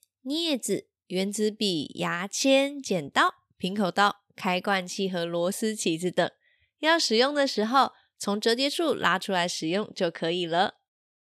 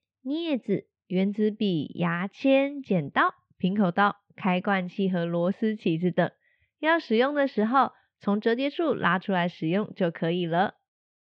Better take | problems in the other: first | muffled; very; fading above 2.5 kHz

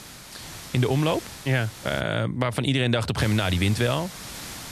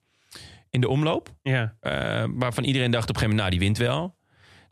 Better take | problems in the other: second | hiss; noticeable; until 2 s and from 3 s on; 15 dB below the speech

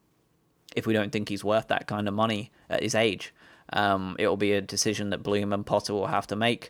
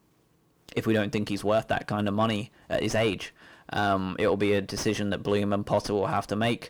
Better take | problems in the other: first | distortion; slight; 10 dB below the speech

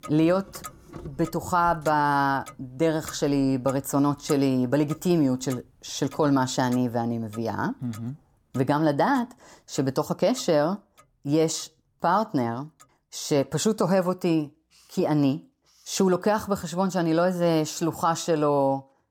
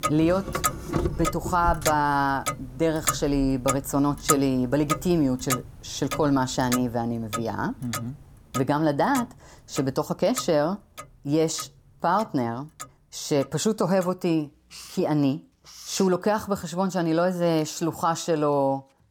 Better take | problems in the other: first | household noises; loud; throughout; 6 dB below the speech; faint in the first

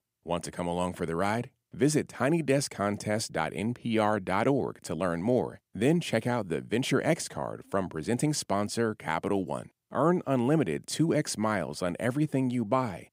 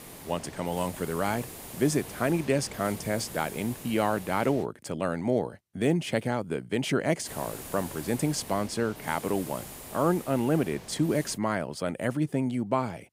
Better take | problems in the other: first | hiss; noticeable; until 4.5 s and from 7.5 to 11 s; 15 dB below the speech

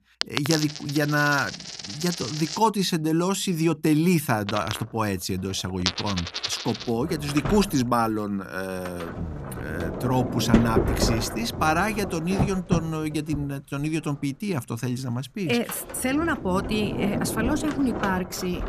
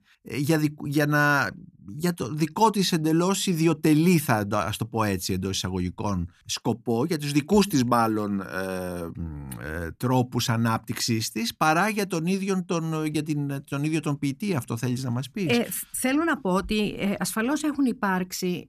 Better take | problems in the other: second | household noises; loud; throughout; 4 dB below the speech

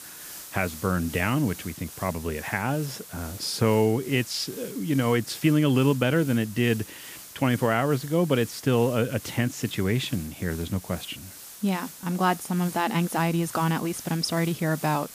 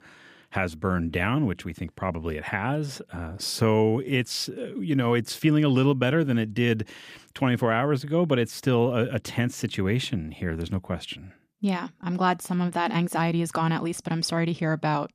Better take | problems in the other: second | hiss; noticeable; throughout; 15 dB below the speech

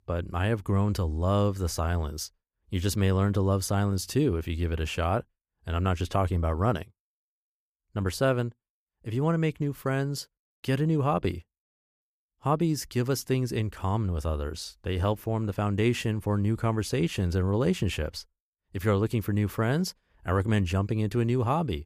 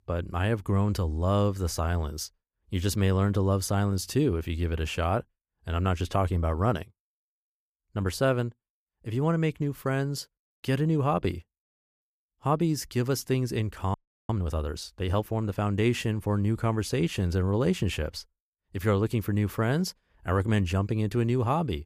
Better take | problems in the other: first | audio freezing; at 14 s

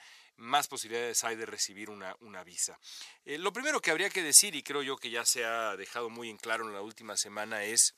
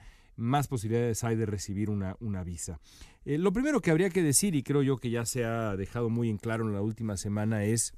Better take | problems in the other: second | thin; very; fading below 800 Hz

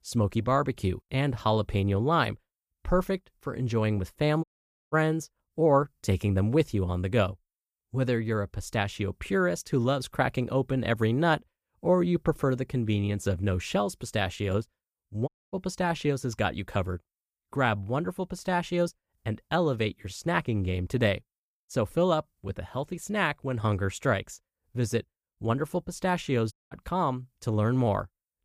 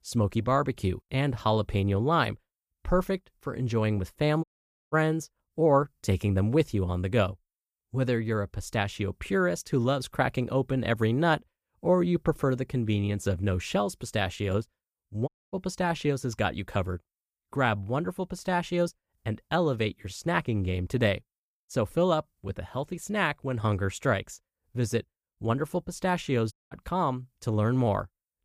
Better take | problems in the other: neither | audio cutting out; at 4.5 s, at 15 s and at 27 s; the same in both

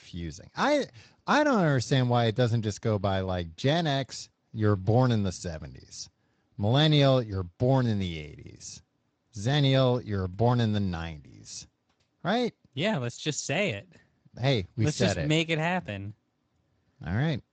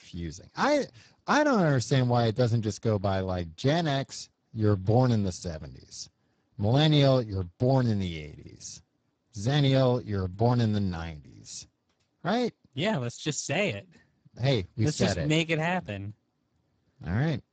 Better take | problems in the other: first | garbled, watery; badly; nothing above 7.5 kHz; slightly in the first

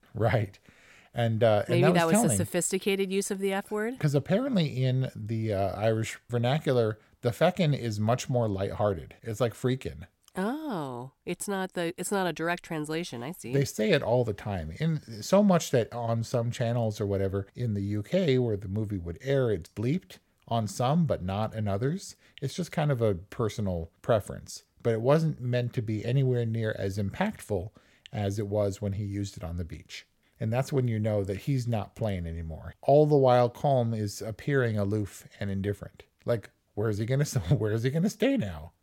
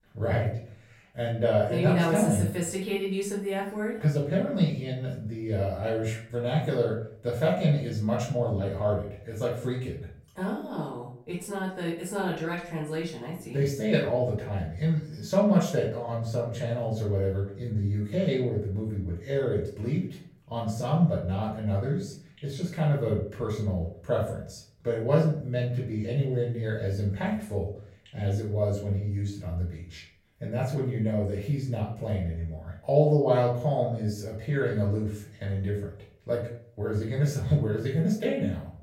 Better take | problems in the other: first | off-mic speech; far // room echo; noticeable; dies away in 0.5 s

